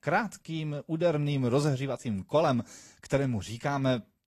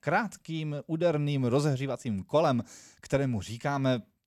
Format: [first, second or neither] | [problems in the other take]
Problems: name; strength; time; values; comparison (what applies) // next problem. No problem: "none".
second | garbled, watery; slightly